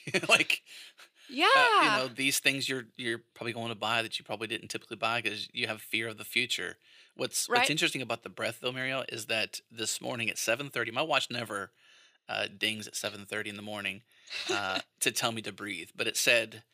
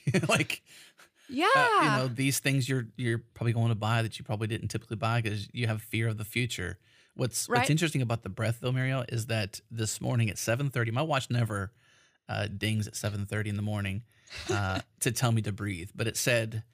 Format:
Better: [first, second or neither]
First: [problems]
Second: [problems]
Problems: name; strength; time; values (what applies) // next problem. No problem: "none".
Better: second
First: thin; somewhat; fading below 350 Hz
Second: none